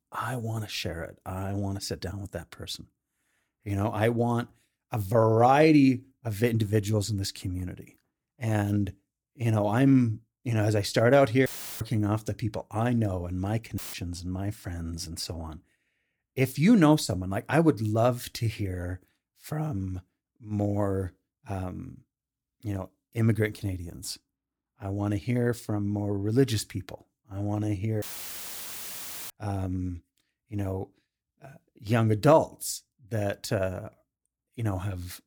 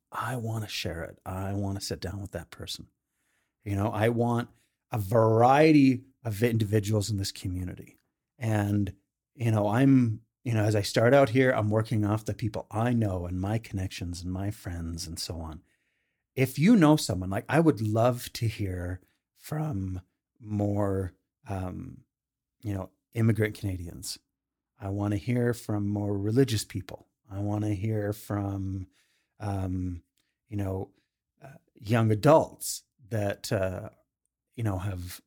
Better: second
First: audio cutting out; filled with static; at 11 s, at 14 s and at 28 s for 1.5 s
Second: none

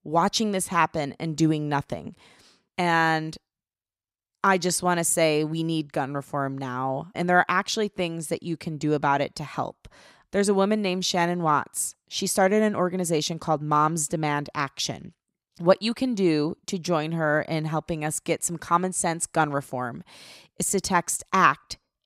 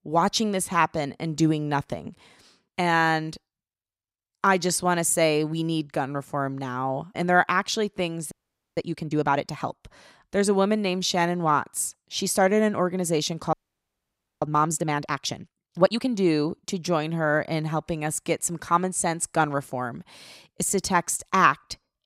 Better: first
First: none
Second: audio freezing; at 8.5 s and at 14 s for 1 s

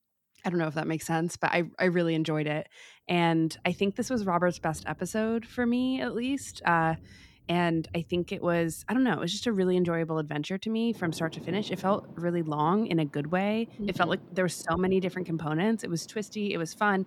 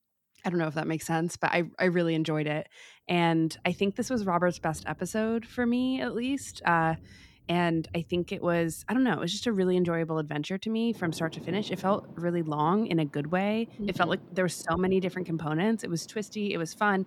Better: neither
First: rain or running water; faint; from 3.5 s on; 20 dB below the speech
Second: rain or running water; faint; from 3.5 s on; 20 dB below the speech

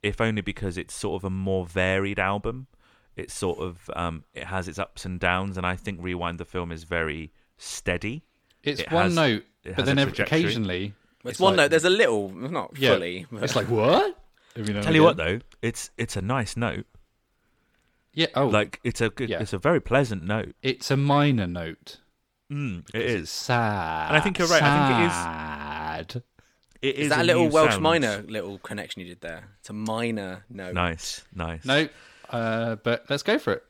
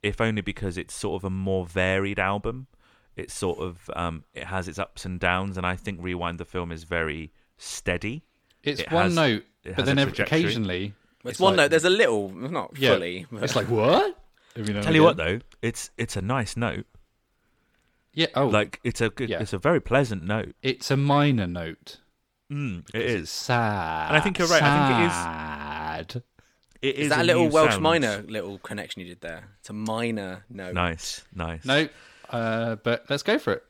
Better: neither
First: none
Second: none

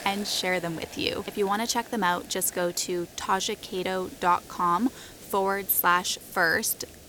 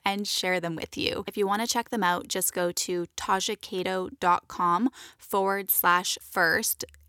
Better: second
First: hiss; noticeable; throughout; 20 dB below the speech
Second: none

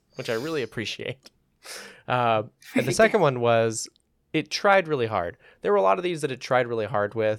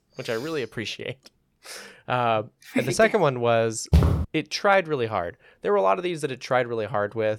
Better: first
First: none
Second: footsteps; loud; at 4 s; peak 4 dB above the speech

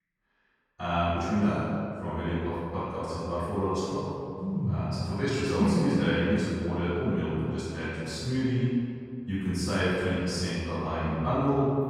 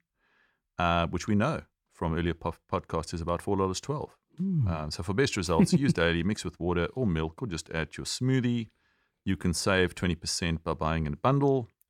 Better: second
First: off-mic speech; far // room echo; strong; dies away in 2.1 s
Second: none

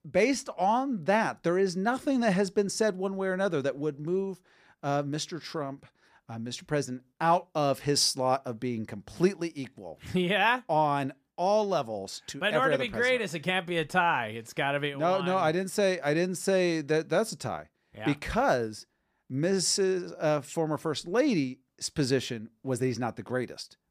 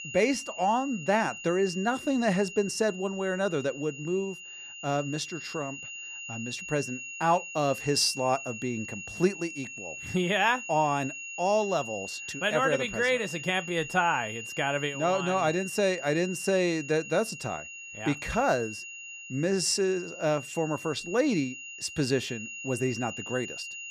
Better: first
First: none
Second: high-pitched whine; loud; throughout; 3 kHz, 10 dB below the speech

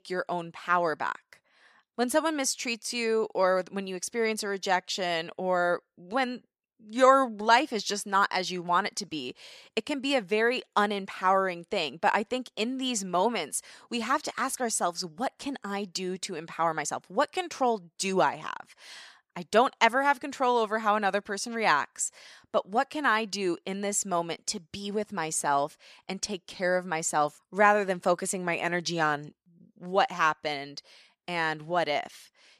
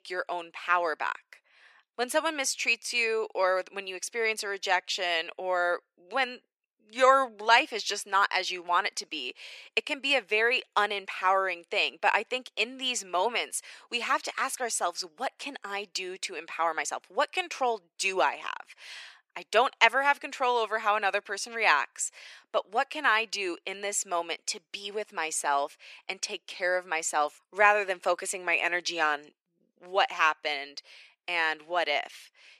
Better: first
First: none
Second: thin; somewhat; fading below 350 Hz

